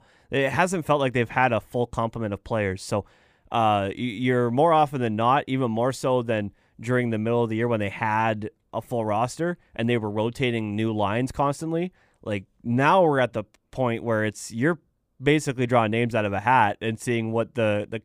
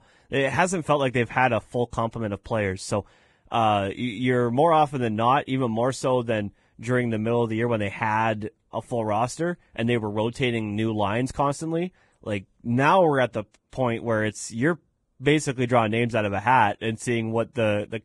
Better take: first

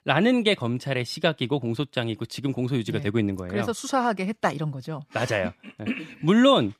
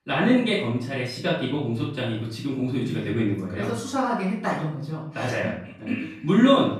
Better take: first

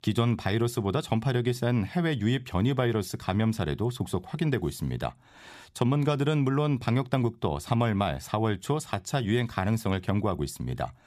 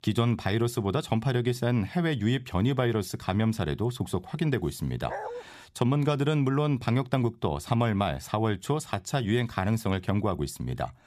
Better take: first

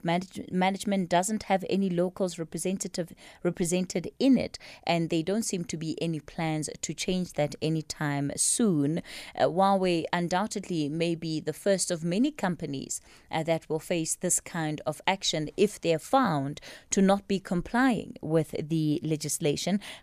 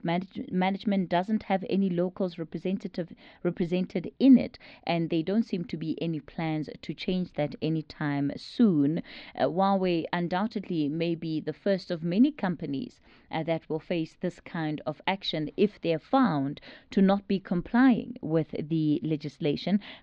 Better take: first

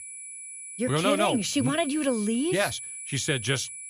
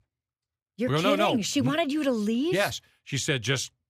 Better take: second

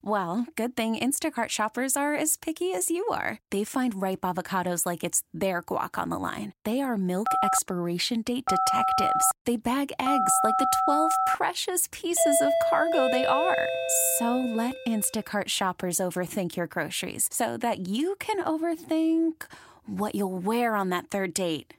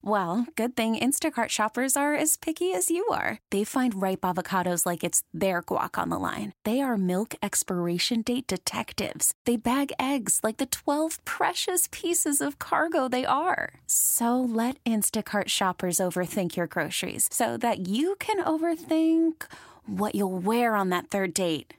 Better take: second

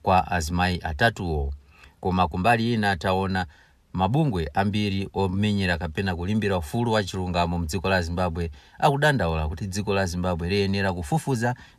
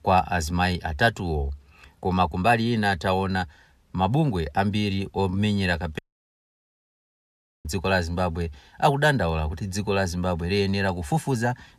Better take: first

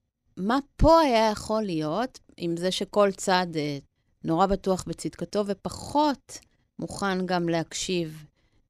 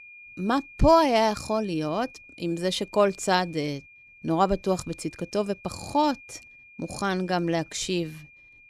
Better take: first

